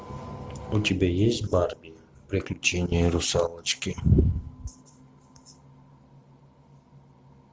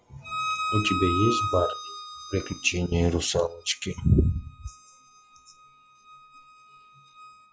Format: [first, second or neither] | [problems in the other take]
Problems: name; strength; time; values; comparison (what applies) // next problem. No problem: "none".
first | noise reduction (classical method log-MMSE)